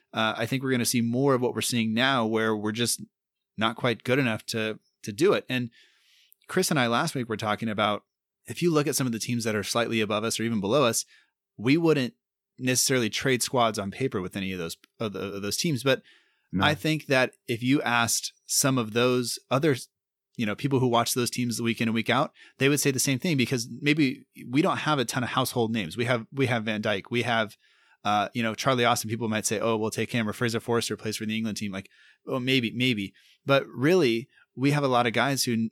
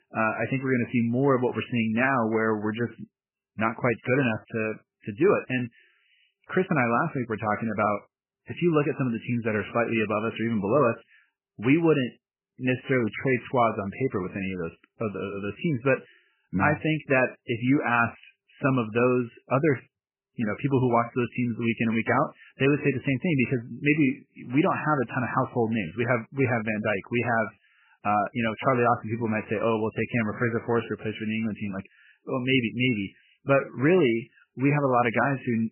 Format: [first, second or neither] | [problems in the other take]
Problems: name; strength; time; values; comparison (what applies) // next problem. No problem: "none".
first | garbled, watery; badly; nothing above 3 kHz